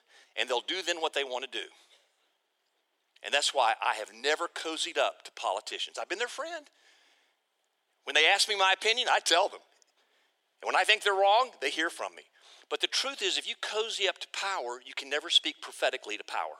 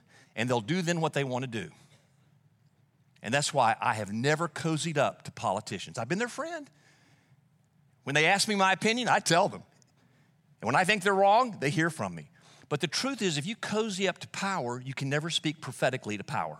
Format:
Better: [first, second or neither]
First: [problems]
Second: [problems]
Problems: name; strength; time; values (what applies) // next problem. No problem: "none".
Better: second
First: thin; very; fading below 350 Hz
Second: none